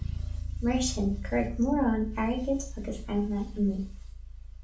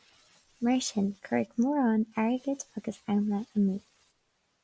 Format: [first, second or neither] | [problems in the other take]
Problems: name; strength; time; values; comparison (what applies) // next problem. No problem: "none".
second | background sound (Bass guitar); 6 dB below the speech // room echo; dies away in 0.3 s